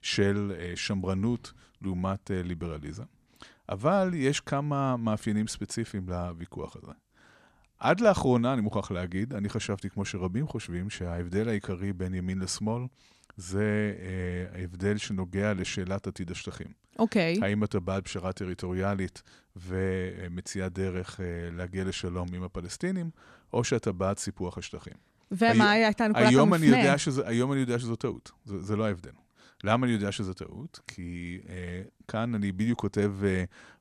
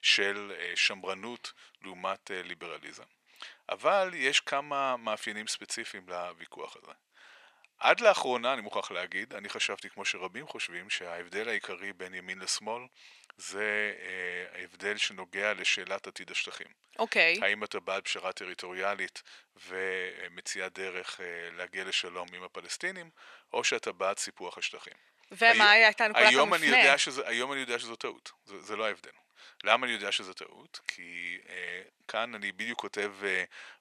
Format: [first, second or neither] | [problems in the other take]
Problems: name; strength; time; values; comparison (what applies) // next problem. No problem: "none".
first | thin; very; fading below 650 Hz